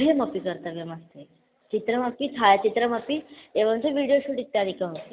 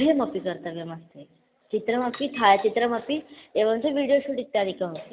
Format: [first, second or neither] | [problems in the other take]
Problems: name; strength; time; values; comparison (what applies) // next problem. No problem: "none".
first | background sound (Coin (dropping)); 19 dB below the speech